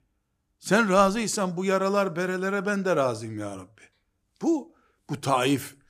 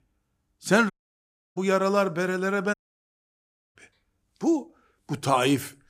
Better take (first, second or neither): first